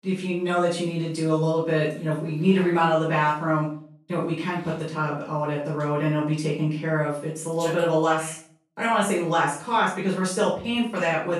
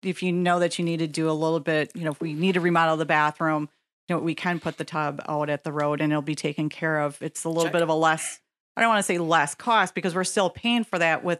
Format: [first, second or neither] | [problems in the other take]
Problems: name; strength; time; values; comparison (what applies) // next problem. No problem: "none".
second | room echo; noticeable; dies away in 0.4 s // off-mic speech; far